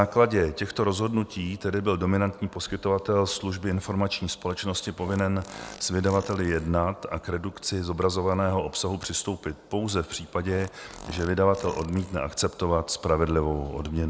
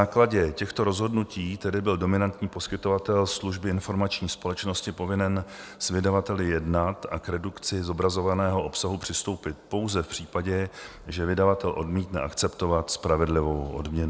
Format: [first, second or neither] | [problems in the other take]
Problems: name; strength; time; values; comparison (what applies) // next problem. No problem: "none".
second | background sound (Fart); 19 dB below the speech